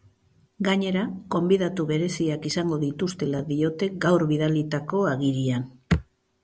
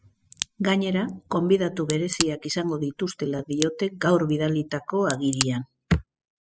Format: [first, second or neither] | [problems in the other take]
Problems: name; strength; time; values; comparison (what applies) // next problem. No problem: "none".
first | noise reduction (classical method spectral subtraction)